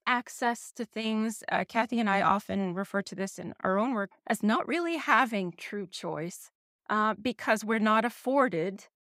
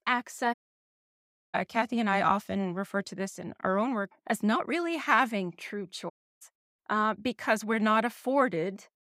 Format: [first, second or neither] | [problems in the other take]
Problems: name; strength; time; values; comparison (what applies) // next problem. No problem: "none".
first | audio cutting out; at 0.5 s for 1 s and at 6 s